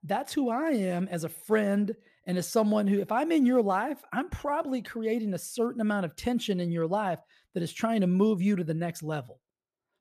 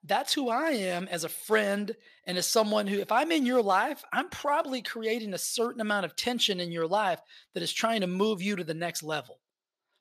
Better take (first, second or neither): first